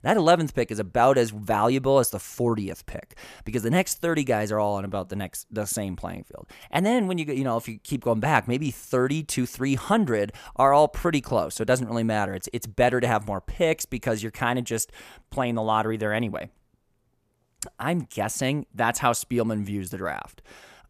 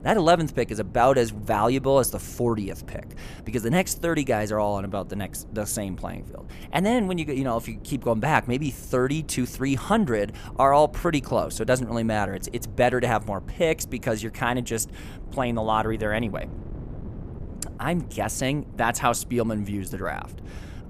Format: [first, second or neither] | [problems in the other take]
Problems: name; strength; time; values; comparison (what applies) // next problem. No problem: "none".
first | wind noise on the microphone; occasional gusts; 25 dB below the speech